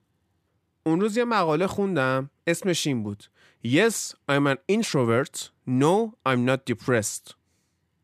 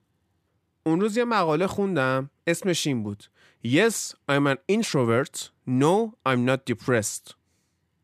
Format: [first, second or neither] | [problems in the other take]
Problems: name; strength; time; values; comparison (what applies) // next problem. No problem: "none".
neither | none